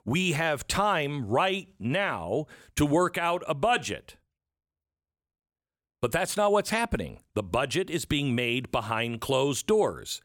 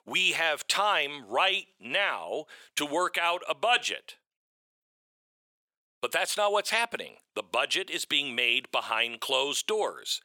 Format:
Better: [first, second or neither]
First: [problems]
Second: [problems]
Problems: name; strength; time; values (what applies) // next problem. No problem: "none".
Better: first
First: none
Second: thin; somewhat; fading below 500 Hz